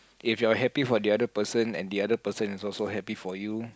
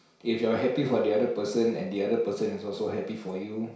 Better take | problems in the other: first | room echo; dies away in 0.6 s

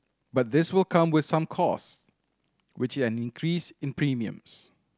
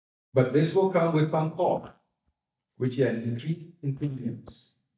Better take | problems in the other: first | noise reduction (neural mask model DeepFilterNet 3)

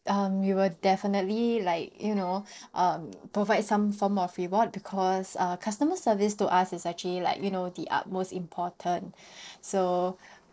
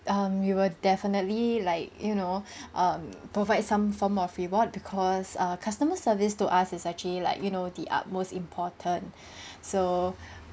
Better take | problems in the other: second | noise reduction (neural separator model SepFormer DNS4)

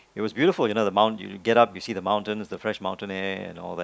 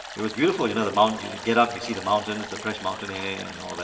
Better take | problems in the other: first | background sound (Stream); 13 dB below the speech // room echo; dies away in 1.8 s

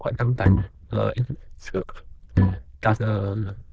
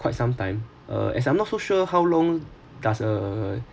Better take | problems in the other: second | noise reduction (neural diffusion model UNIVERSE++)

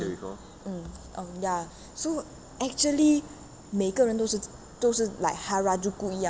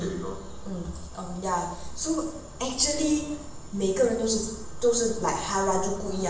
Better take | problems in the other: first | room echo; dies away in 0.7 s

